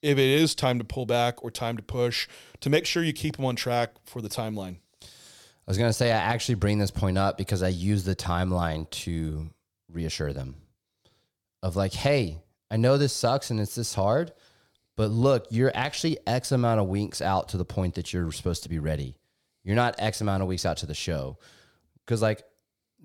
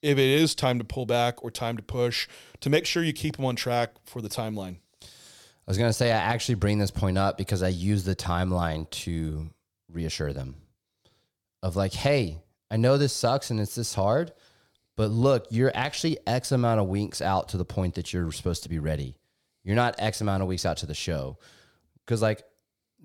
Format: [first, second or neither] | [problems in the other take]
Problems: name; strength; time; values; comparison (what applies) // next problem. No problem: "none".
neither | none